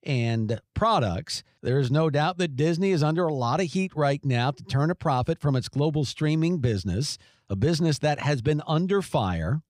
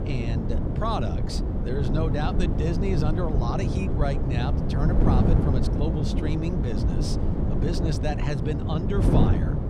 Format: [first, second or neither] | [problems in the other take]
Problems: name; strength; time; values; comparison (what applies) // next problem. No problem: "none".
first | wind noise on the microphone; heavy; 1 dB below the speech